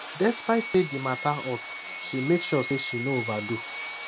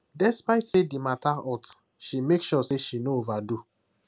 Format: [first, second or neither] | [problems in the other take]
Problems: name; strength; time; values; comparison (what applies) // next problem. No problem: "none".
second | background sound (Sawing); 8 dB below the speech